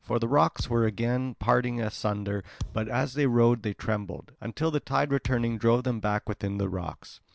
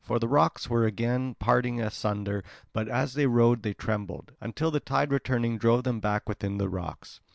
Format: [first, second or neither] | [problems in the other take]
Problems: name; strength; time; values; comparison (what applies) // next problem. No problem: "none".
second | background sound (Thump, thud); 13 dB below the speech